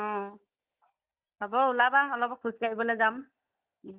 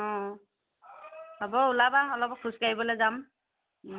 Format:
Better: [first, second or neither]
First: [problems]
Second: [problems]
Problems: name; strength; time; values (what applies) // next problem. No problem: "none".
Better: second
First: noise reduction (neural mask model DeepFilterNet 3)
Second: none